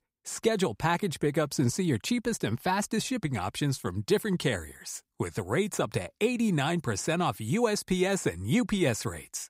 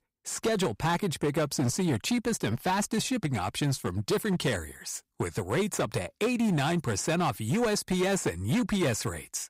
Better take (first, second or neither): first